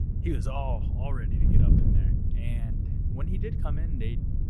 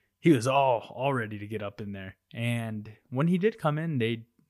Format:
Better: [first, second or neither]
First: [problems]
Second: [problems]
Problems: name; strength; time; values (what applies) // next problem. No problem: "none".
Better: second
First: wind noise on the microphone; heavy; 1 dB below the speech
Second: none